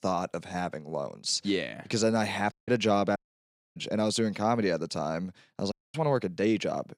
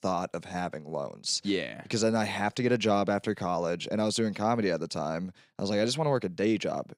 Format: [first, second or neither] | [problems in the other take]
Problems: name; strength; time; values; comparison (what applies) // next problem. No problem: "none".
second | audio cutting out; at 2.5 s, at 3 s for 0.5 s and at 5.5 s